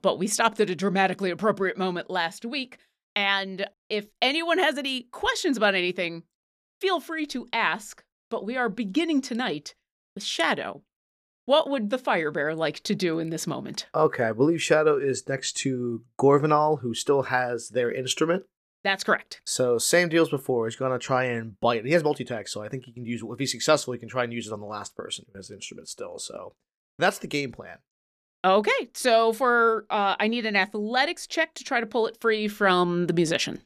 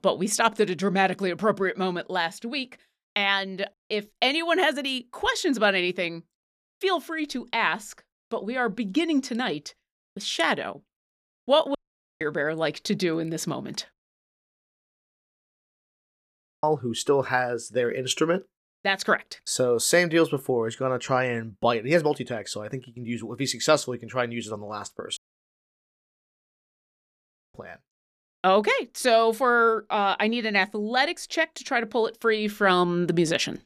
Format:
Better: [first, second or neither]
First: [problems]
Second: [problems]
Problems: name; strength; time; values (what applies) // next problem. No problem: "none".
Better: first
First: none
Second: audio cutting out; at 12 s, at 14 s for 2.5 s and at 25 s for 2.5 s